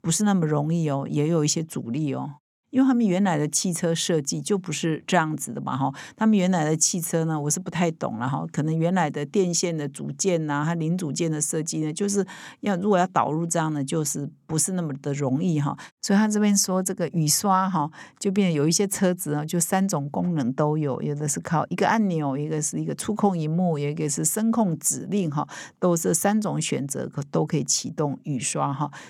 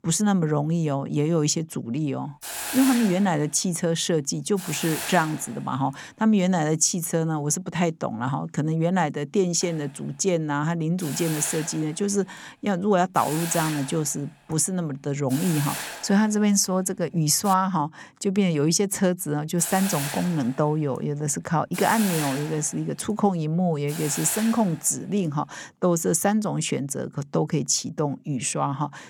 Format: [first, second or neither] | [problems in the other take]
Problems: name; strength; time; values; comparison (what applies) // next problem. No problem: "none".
first | hiss; loud; from 2 to 6.5 s, from 9.5 to 18 s and from 19 to 26 s; 8 dB below the speech